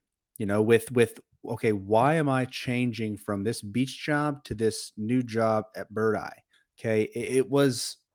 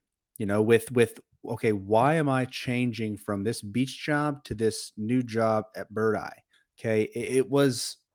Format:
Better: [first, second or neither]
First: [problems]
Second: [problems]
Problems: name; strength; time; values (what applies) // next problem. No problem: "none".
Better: neither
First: none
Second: none